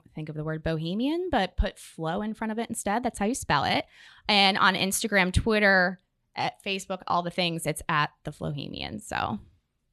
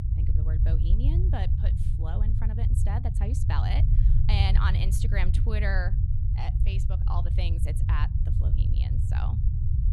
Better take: first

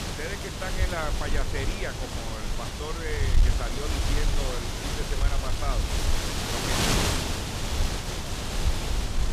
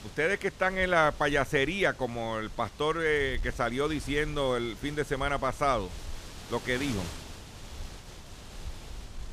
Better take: second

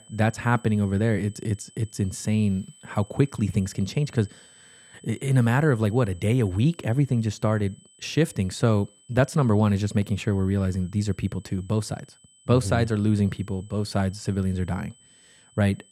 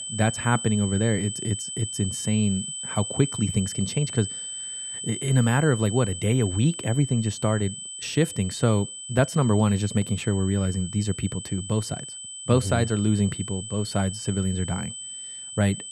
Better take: first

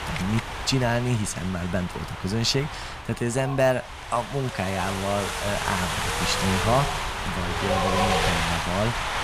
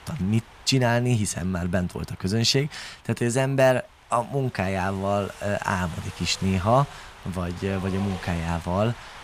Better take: second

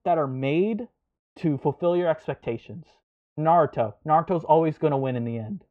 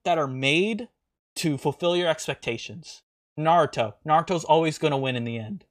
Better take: second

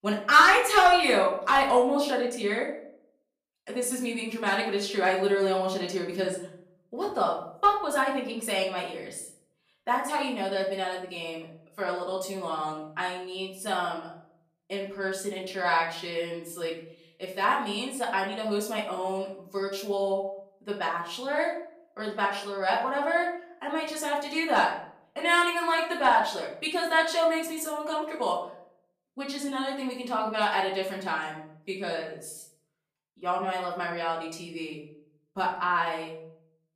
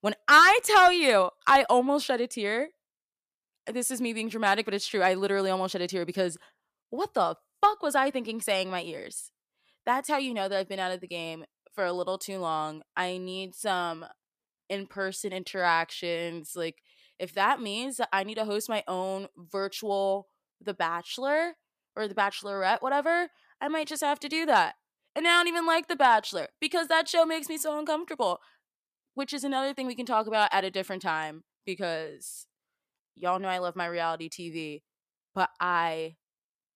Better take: second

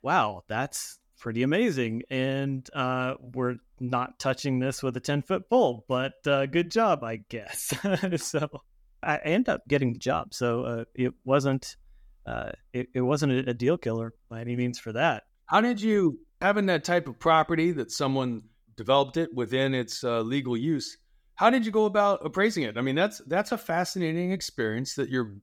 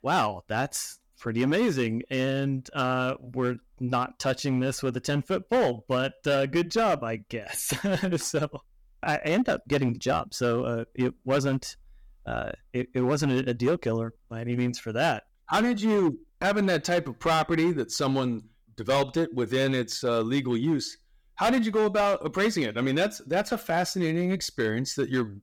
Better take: first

